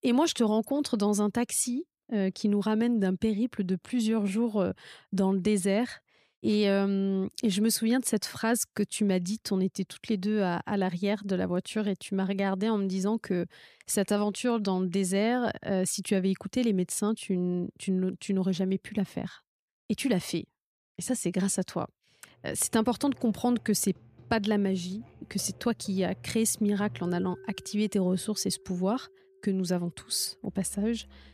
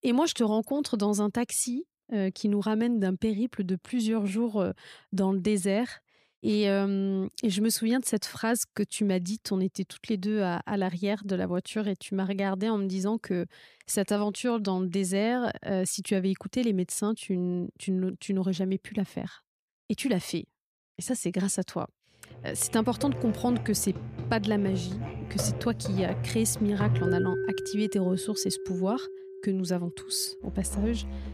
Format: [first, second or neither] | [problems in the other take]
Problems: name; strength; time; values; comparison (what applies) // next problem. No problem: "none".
first | background music; loud; from 23 s on; 6 dB below the speech; faint in the first